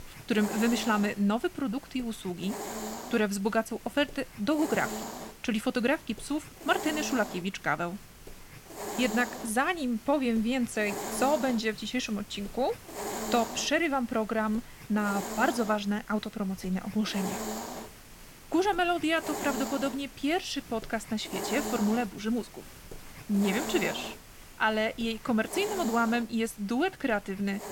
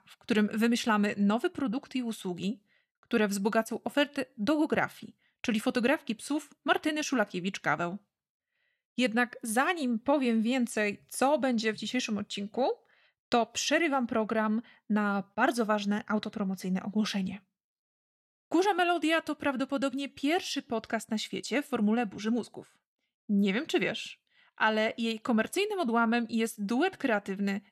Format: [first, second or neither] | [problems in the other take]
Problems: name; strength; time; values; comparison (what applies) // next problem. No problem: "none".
second | hiss; loud; throughout; 10 dB below the speech